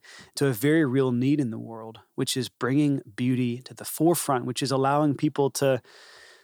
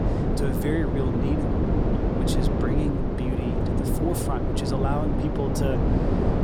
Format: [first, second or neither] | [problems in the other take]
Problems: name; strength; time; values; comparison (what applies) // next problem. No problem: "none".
first | wind noise on the microphone; heavy; 3 dB above the speech